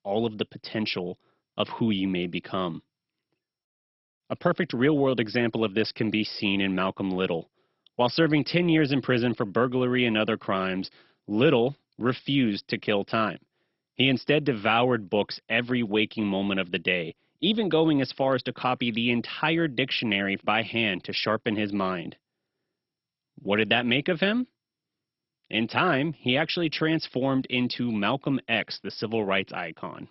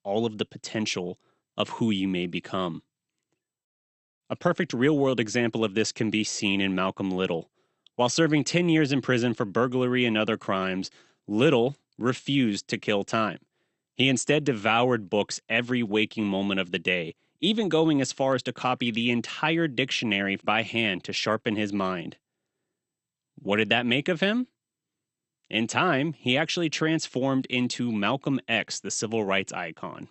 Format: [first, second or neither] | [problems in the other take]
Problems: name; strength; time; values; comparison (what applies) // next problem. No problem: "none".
second | garbled, watery; badly; nothing above 5.5 kHz; slightly in the second